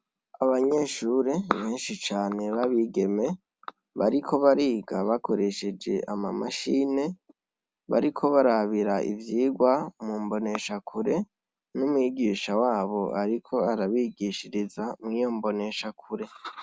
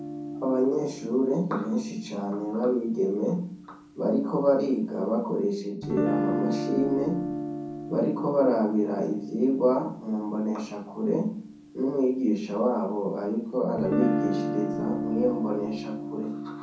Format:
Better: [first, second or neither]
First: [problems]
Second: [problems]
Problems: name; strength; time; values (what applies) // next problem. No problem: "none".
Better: first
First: none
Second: background sound (Guitar); 7 dB below the speech // room echo; dies away in 0.6 s